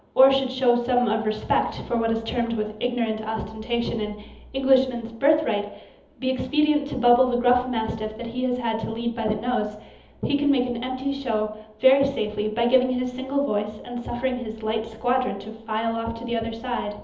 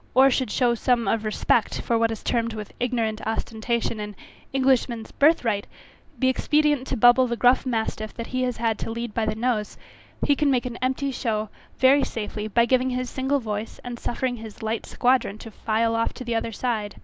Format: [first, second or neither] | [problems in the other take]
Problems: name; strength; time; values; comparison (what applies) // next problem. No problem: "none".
second | room echo; dies away in 0.7 s